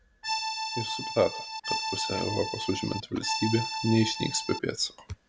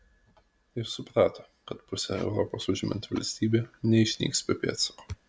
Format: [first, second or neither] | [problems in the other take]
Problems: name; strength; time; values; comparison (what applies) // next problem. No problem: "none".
second | background sound (Accordion); 3 dB below the speech